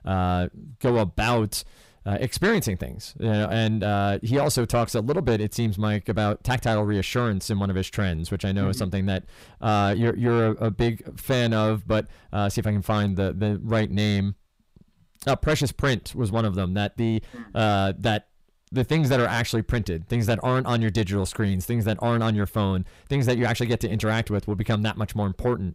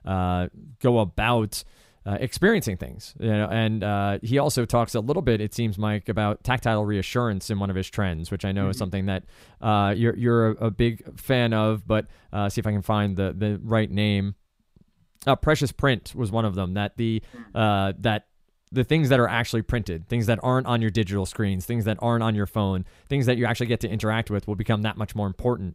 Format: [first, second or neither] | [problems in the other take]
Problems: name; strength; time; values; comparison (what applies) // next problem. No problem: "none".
second | distortion; slight; 10 dB below the speech